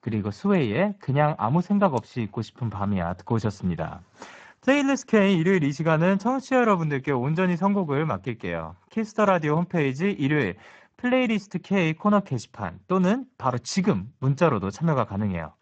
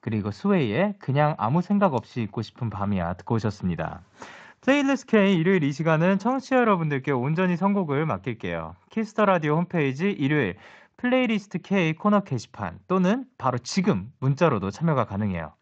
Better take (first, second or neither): second